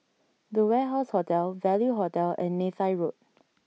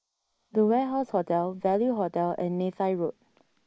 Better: first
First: none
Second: noise reduction (neural mask model Resemble Enhance denoiser)

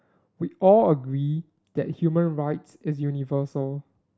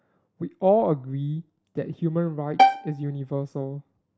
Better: first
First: none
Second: background sound (Bowed string instrument); 4 dB above the speech

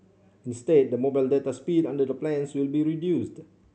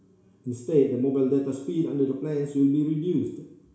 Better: first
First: none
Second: room echo; dies away in 0.7 s

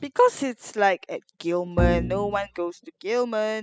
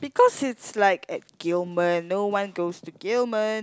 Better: second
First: noise reduction (classical method spectral subtraction)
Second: none

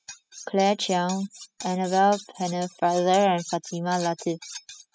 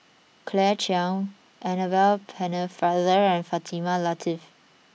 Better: second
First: noise reduction (classical method spectral subtraction)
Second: none

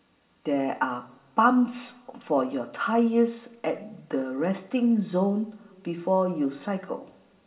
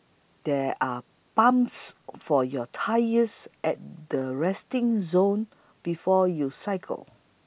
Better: second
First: room echo; dies away in 1.7 s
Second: none

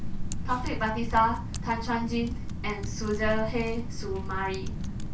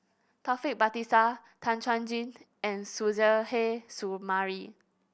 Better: second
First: background sound (Typing); 1 dB below the speech // room echo; dies away in 0.2 s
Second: none

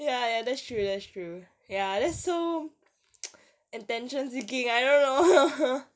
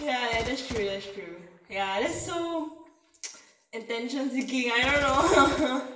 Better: first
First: none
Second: background sound (Gunshot, gunfire); 15 dB below the speech // room echo; dies away in 0.8 s

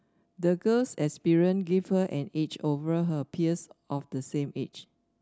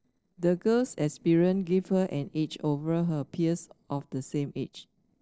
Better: first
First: none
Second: noise reduction (neural separator model SepFormer DNS4)

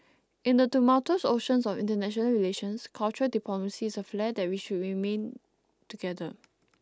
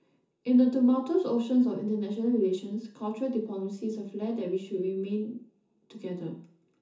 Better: first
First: none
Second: room echo; dies away in 0.6 s

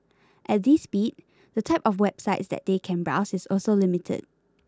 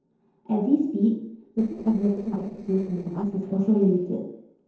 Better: first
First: none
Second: noise reduction (neural separator model SepFormer DNS4)

